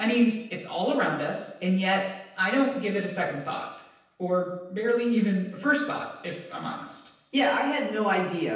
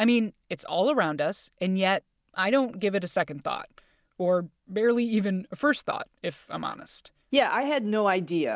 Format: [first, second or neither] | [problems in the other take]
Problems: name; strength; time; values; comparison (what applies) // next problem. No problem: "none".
second | room echo; dies away in 0.9 s